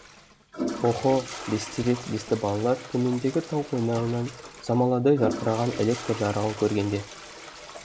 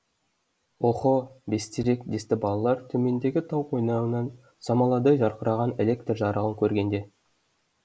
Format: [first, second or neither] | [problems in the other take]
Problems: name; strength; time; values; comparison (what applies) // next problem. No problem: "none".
second | background sound (Toilet flush); 11 dB below the speech